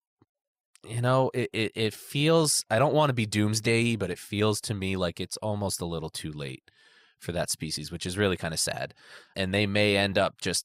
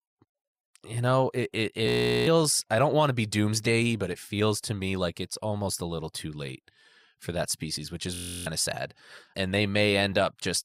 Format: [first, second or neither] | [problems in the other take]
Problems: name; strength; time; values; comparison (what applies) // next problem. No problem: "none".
first | audio freezing; at 2 s and at 8 s